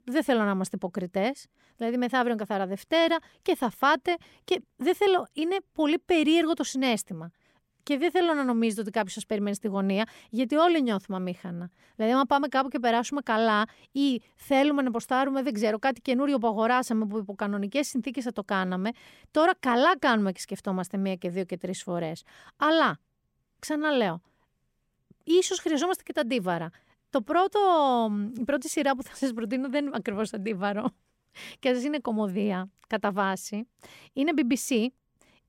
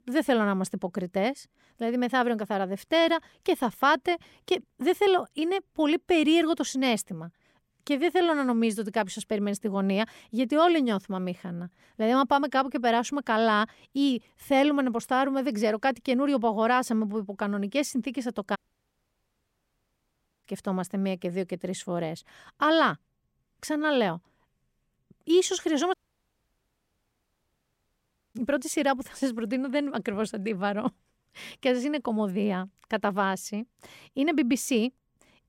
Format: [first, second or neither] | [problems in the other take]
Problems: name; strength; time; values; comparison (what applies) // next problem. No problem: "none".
first | audio cutting out; at 19 s for 2 s and at 26 s for 2.5 s